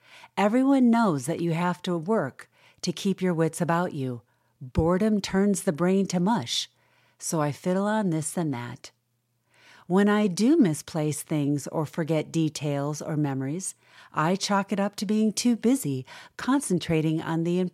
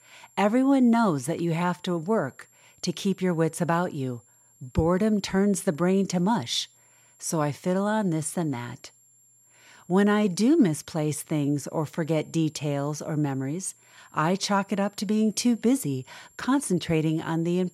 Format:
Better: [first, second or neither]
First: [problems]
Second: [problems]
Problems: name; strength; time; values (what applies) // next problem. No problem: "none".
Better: first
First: none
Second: high-pitched whine; faint; throughout; 7.5 kHz, 30 dB below the speech